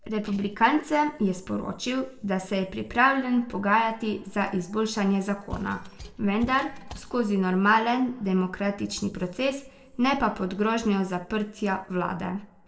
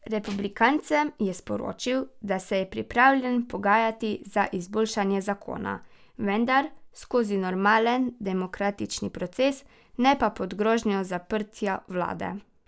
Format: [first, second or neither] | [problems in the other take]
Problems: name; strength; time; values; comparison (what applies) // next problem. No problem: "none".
second | noise reduction (neural separator model SepFormer DNS4)